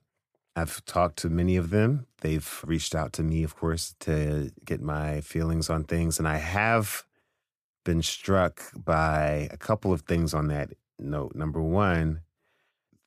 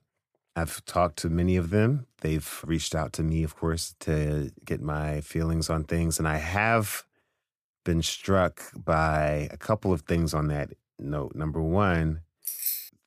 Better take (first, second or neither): first